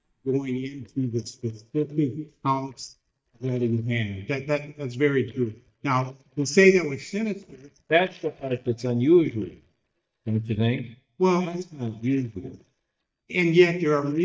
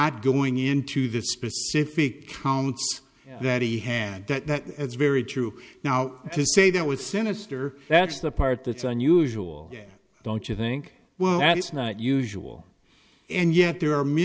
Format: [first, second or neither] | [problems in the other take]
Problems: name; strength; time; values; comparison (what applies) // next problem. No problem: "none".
second | noise reduction (neural mask model DeepFilterNet 3)